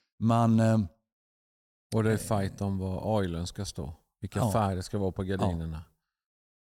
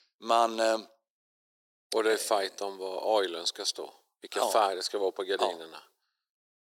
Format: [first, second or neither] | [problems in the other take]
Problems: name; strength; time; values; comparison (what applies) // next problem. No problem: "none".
first | thin; very; fading below 350 Hz